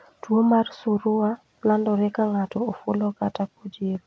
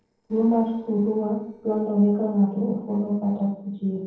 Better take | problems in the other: first | noise reduction (neural separator model SepFormer DNS4)

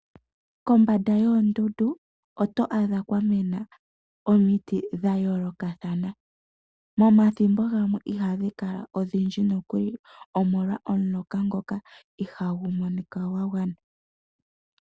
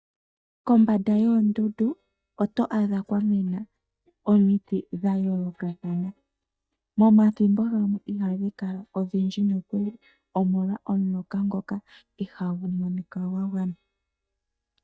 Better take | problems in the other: first | noise reduction (neural mask model DeepFilterNet 3)

